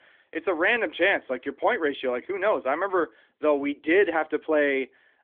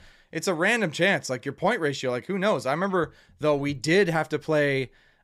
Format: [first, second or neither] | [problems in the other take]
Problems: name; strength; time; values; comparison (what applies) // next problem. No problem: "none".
second | phone-call audio; nothing above 3.5 kHz